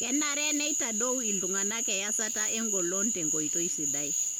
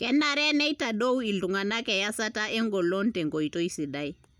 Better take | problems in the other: second | background sound (Cricket / Frog); 4 dB above the speech

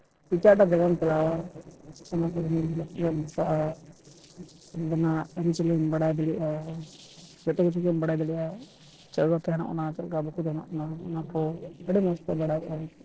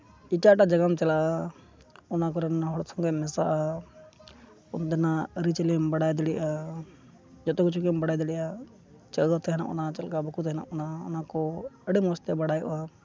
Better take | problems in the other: second | noise reduction (neural separator model SepFormer DNS4)

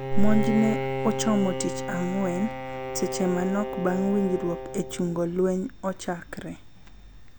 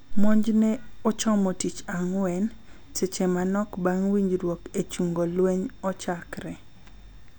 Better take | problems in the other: second | background sound (Bowed string instrument); 7 dB below the speech

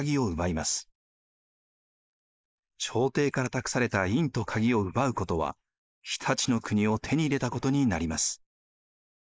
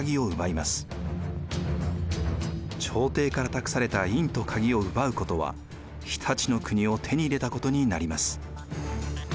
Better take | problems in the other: second | noise reduction (neural mask model Resemble Enhance denoiser)

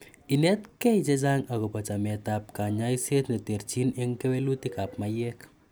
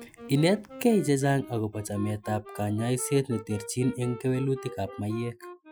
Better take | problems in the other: first | noise reduction (classical method Wiener filter)

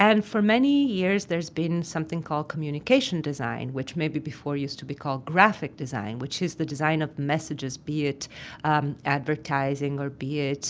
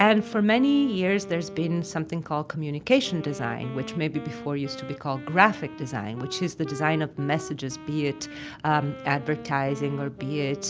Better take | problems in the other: first | background sound (Wind instrument, woodwind instrument); 14 dB below the speech

